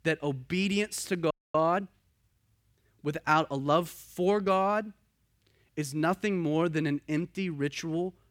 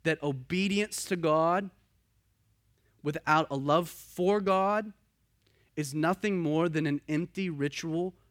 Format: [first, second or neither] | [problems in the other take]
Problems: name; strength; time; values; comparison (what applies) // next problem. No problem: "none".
second | audio freezing; at 1.5 s